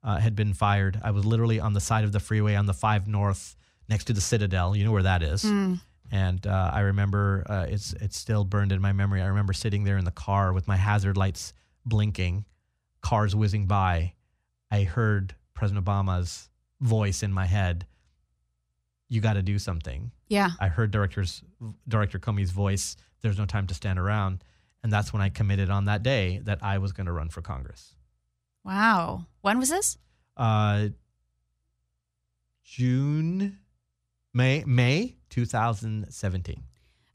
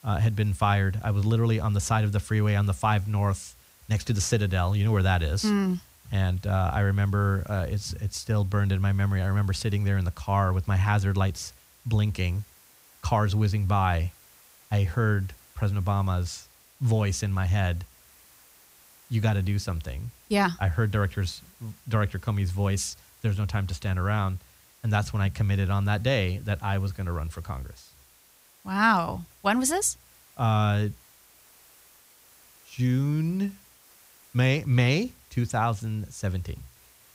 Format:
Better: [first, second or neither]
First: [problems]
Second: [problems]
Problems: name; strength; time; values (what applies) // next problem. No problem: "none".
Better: first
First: none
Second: hiss; faint; throughout; 25 dB below the speech